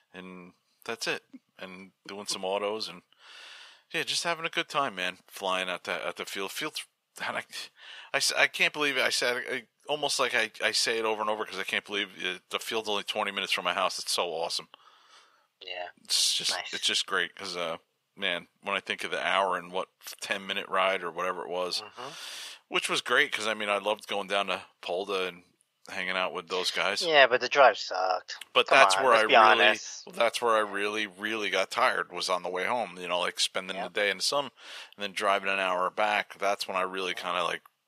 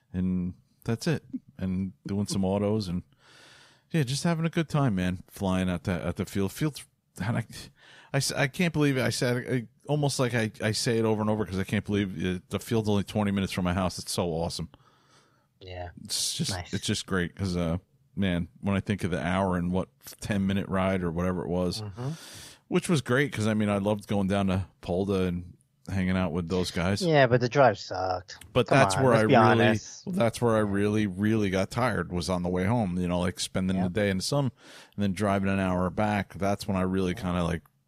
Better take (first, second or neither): second